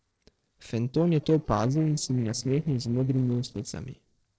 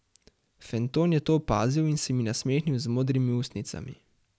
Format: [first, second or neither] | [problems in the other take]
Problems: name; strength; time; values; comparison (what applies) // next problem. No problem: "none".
second | noise reduction (neural separator model SepFormer DNS4)